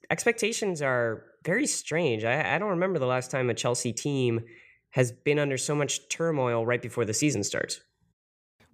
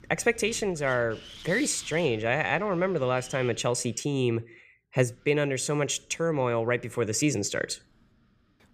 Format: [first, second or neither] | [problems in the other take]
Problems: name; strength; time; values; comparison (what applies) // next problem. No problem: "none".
first | wind noise on the microphone; occasional gusts; until 4 s and from 5 s on; 15 dB below the speech